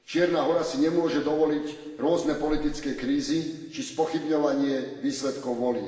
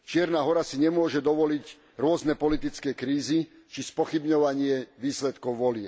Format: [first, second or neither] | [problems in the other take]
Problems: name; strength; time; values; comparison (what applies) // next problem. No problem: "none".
second | room echo; dies away in 1.2 s